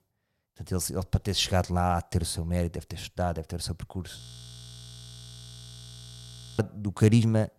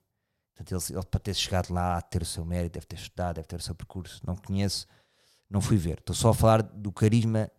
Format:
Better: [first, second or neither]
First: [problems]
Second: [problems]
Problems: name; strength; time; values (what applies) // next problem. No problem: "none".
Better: second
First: audio freezing; at 4 s for 2.5 s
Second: none